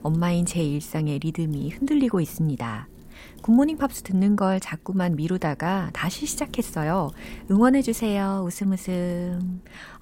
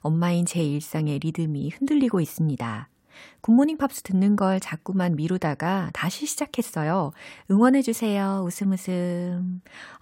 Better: second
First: wind noise on the microphone; occasional gusts; 25 dB below the speech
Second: none

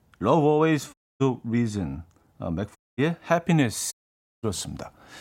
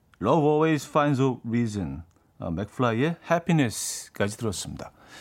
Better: second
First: audio cutting out; at 1 s, at 3 s and at 4 s for 0.5 s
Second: none

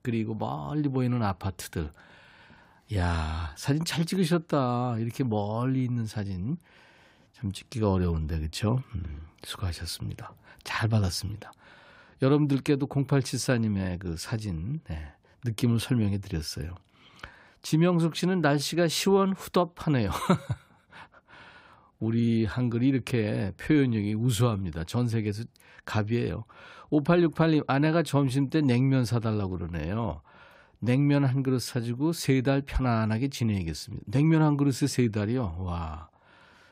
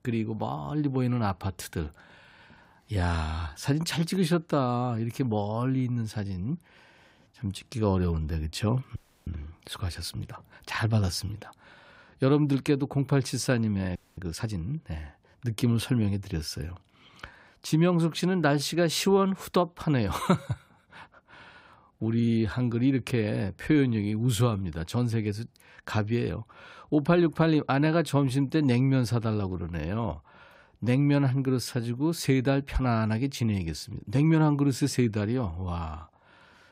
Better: first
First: none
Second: audio freezing; at 9 s and at 14 s

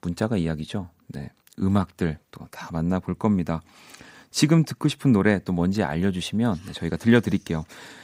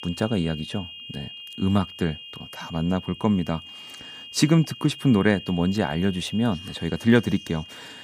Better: first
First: none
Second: high-pitched whine; noticeable; throughout; 3 kHz, 15 dB below the speech

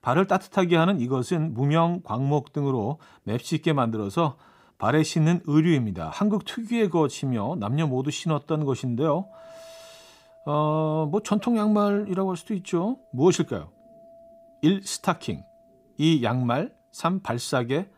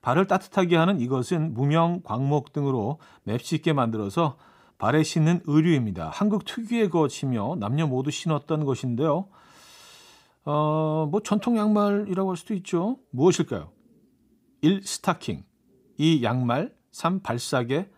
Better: second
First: household noises; faint; from 9 s on; 30 dB below the speech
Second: none

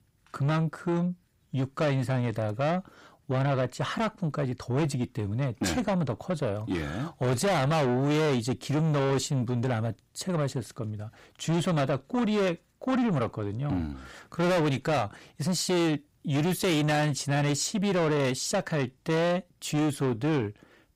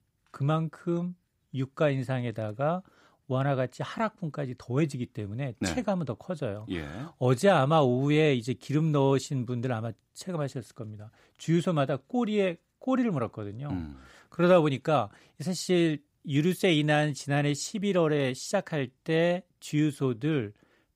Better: second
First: distortion; heavy; 6 dB below the speech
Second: none

